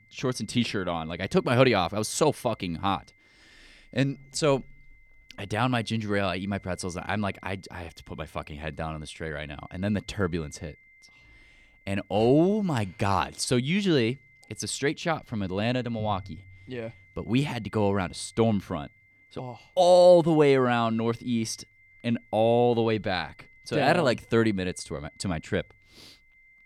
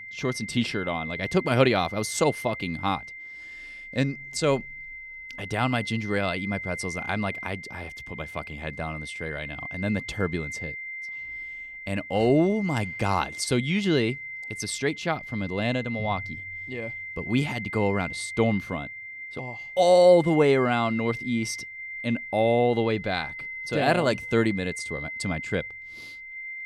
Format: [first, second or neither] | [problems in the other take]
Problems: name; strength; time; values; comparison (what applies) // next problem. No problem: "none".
first | high-pitched whine; loud; throughout; 2 kHz, 10 dB below the speech; faint in the first